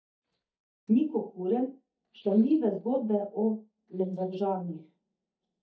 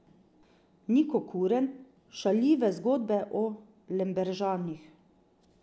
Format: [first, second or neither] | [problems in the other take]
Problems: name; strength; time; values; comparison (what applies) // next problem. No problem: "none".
second | noise reduction (neural mask model DeepFilterNet 3)